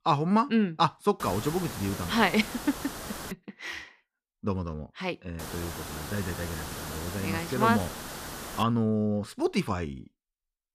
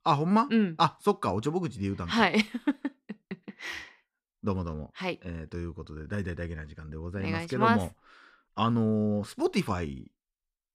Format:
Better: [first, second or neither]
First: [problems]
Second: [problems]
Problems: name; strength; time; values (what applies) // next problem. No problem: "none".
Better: second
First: hiss; loud; from 1 to 3.5 s and from 5.5 to 8.5 s; 9 dB below the speech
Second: none